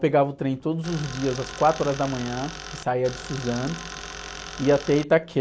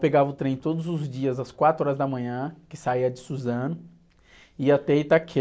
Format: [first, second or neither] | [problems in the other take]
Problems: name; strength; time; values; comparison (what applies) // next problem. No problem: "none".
second | background sound (Tools); 12 dB below the speech